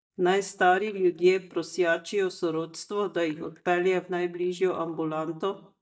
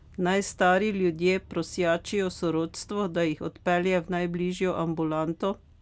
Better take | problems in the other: second | noise reduction (neural mask model DeepFilterNet 3)

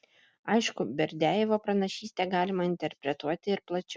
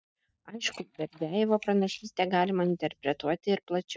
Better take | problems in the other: first | noise reduction (neural mask model DeepFilterNet 3)

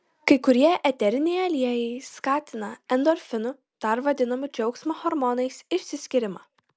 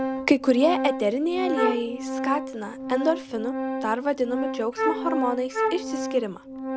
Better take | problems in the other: first | background sound (Wind instrument, woodwind instrument + Organ); 3 dB below the speech

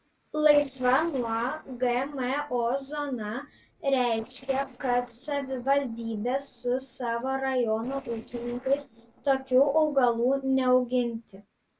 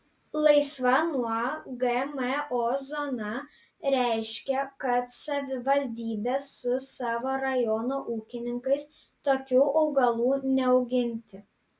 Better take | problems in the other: second | noise reduction (neural separator model SepFormer DNS4)

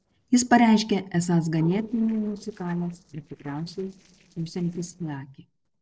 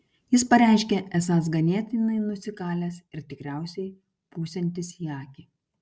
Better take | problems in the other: second | noise reduction (neural separator model SepFormer DNS4)

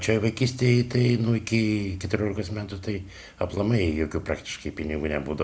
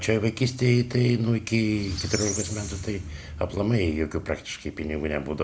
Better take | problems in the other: first | background sound (Squeak); 10 dB below the speech

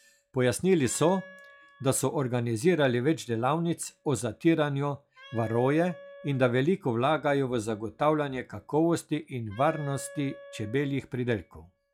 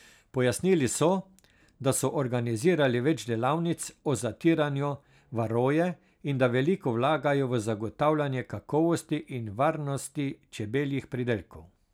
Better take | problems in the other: second | noise reduction (classical method log-MMSE)

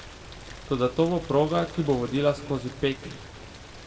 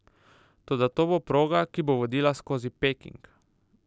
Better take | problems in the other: second | background sound (Rain); 15 dB below the speech // room echo; dies away in 1.5 s

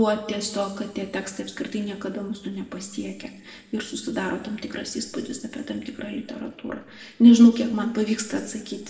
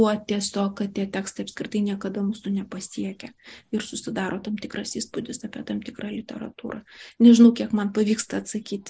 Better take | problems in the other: second | room echo; dies away in 1.2 s

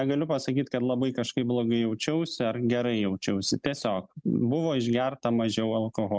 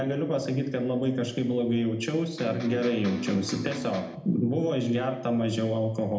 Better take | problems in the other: first | background sound (Electric guitar); 10 dB below the speech // room echo; dies away in 0.7 s

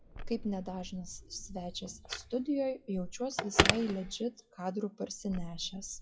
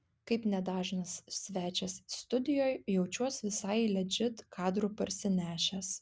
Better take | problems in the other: second | noise reduction (classical method WPE with log-MMSE)

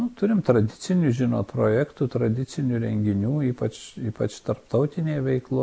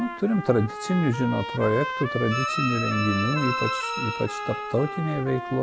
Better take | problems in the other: first | background sound (Bowed string instrument + Trumpet); 5 dB below the speech

